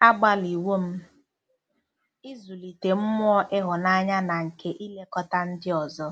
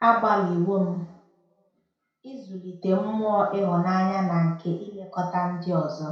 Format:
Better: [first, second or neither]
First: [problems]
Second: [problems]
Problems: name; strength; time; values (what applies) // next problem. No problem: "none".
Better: first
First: none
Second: room echo; dies away in 0.5 s